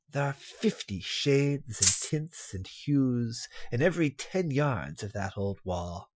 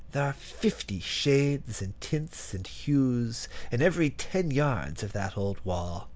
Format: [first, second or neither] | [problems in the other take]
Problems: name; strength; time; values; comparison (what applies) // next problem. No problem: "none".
second | noise reduction (classical method Wiener filter)